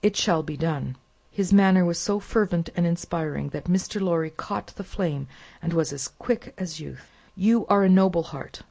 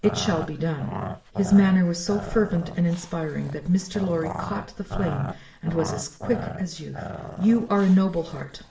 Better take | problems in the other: first | background sound (Growling); 11 dB below the speech // room echo; dies away in 0.5 s

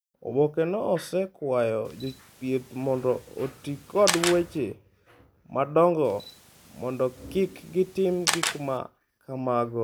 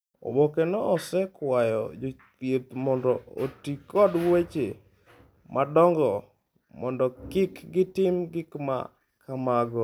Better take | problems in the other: second | background sound (Camera); 8 dB below the speech

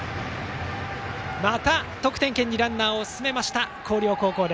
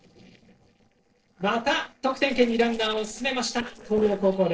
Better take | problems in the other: first | noise reduction (neural separator model SepFormer DNS4)

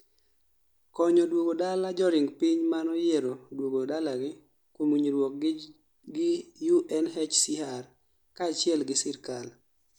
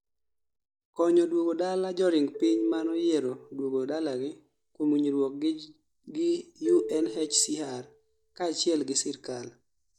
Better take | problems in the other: first | noise reduction (neural mask model DeepFilterNet 3)

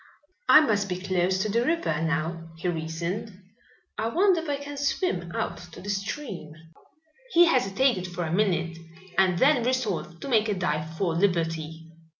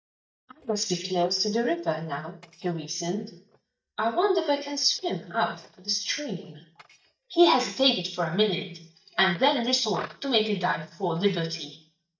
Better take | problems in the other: first | noise reduction (neural mask model DeepFilterNet 3)

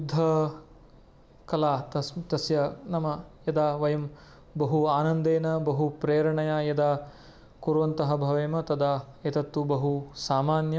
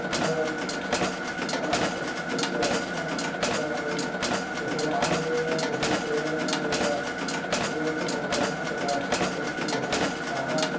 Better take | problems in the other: first | background sound (Mechanisms); 4 dB above the speech // room echo; dies away in 0.7 s

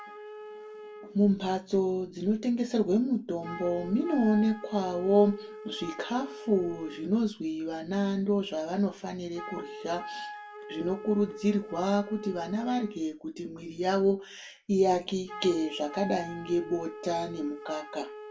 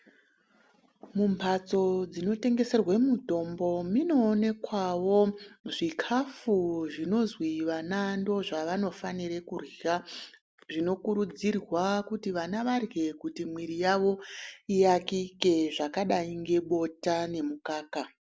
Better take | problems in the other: second | background sound (Wind instrument, woodwind instrument); 15 dB below the speech // room echo; dies away in 0.2 s

